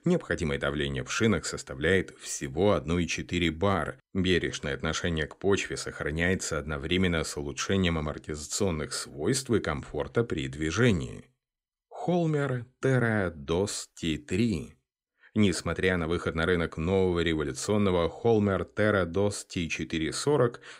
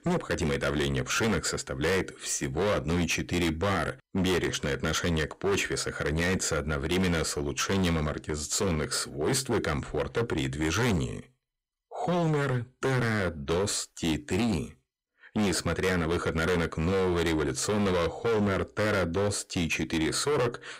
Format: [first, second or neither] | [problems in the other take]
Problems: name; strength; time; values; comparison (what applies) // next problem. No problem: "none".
first | distortion; heavy; 18% of the sound clipped